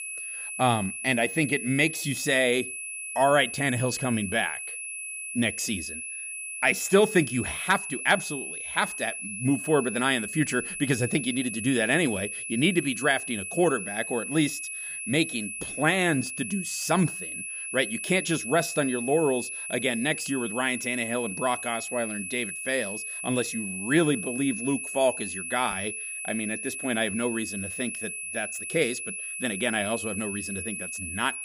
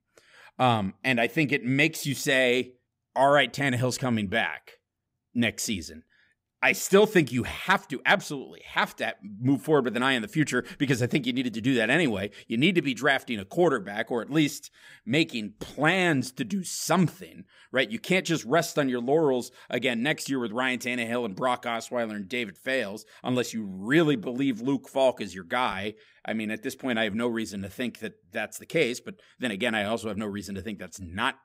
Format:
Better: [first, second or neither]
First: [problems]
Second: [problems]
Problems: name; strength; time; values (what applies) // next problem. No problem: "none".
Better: second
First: high-pitched whine; loud; throughout; 2.5 kHz, 6 dB below the speech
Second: none